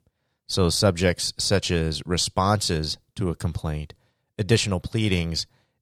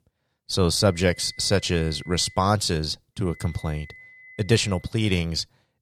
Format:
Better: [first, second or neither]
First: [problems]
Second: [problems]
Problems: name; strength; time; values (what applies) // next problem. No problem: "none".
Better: first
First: none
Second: high-pitched whine; faint; from 1 to 2.5 s and from 3.5 to 5 s; 2 kHz, 20 dB below the speech